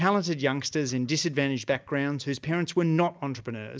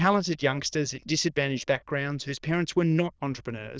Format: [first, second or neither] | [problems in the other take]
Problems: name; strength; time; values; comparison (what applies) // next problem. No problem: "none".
first | noise reduction (neural diffusion model UNIVERSE++)